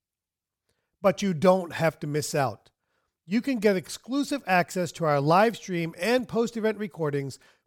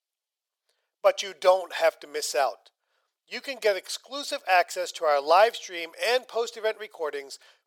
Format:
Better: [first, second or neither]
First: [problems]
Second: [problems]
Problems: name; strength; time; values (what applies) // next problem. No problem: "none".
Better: first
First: none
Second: thin; very; fading below 450 Hz